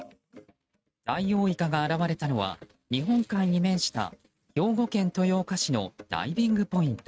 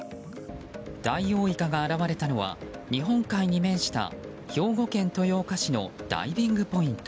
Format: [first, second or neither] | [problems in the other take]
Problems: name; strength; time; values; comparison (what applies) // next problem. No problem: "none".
second | noise reduction (neural mask model RNNoise)